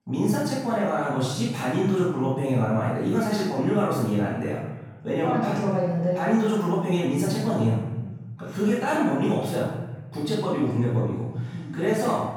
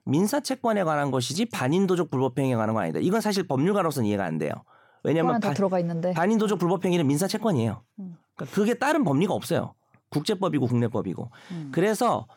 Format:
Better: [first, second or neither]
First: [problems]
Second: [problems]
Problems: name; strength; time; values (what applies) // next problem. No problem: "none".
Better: second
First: off-mic speech; far // room echo; strong; dies away in 1.1 s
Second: none